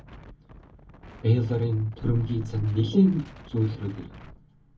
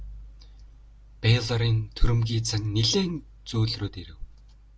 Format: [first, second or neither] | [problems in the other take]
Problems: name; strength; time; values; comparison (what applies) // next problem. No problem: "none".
second | background sound (Wind); 20 dB below the speech // room echo; dies away in 0.3 s